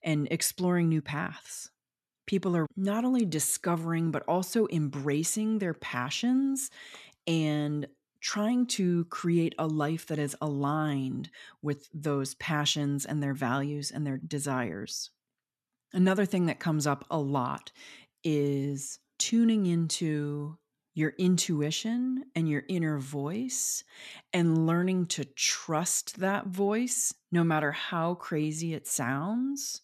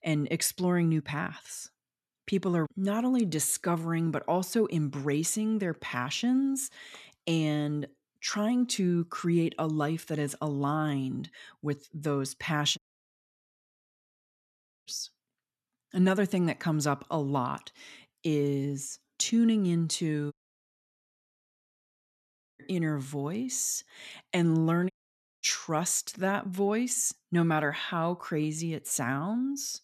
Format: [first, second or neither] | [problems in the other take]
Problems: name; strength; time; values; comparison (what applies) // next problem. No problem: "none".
first | audio cutting out; at 13 s for 2 s, at 20 s for 2.5 s and at 25 s for 0.5 s